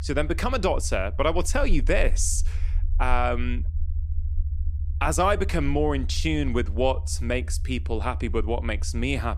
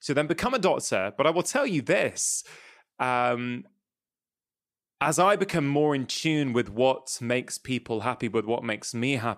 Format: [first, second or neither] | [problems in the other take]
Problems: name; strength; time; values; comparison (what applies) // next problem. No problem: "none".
second | low rumble; faint; throughout; 25 dB below the speech